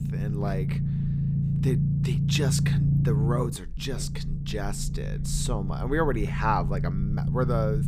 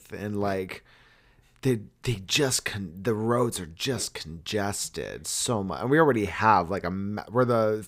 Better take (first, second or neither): second